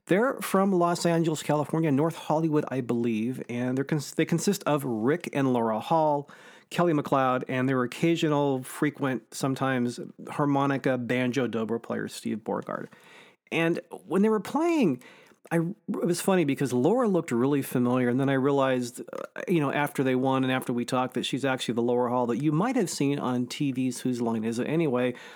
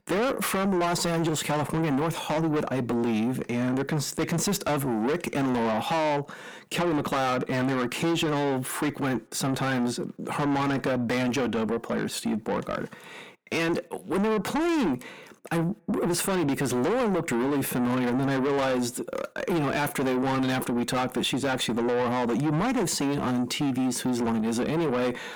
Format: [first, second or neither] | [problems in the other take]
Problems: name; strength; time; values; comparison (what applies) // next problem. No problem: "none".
first | distortion; heavy; 6 dB below the speech